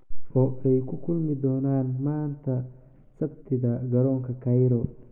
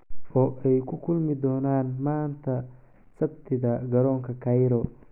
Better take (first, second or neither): second